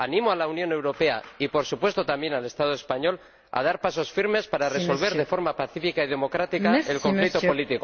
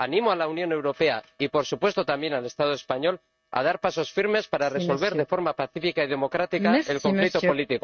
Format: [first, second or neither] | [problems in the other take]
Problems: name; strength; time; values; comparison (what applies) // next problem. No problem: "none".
first | noise reduction (neural mask model RNNoise)